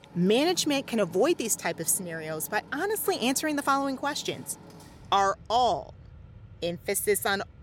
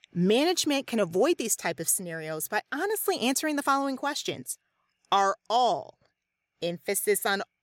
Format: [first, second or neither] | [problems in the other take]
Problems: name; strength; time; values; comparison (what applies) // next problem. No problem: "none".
second | machinery noise; faint; throughout; 20 dB below the speech